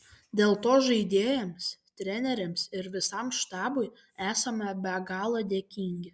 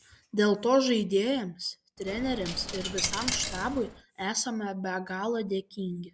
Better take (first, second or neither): first